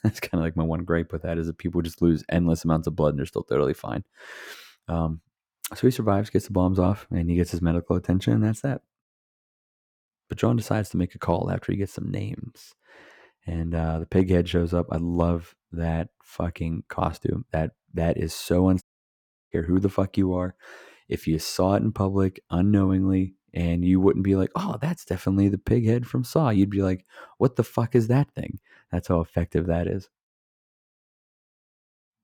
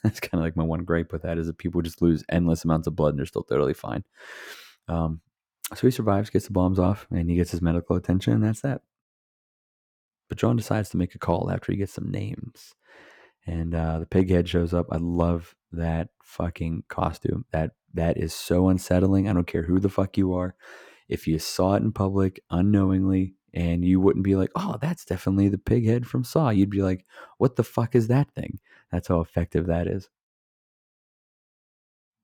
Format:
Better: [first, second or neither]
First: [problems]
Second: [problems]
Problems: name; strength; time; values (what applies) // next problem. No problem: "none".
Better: second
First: audio cutting out; at 19 s for 0.5 s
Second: none